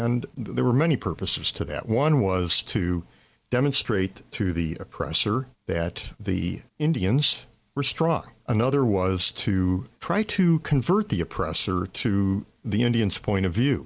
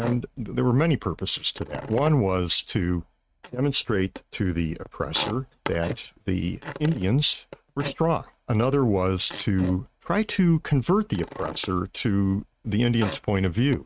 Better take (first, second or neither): first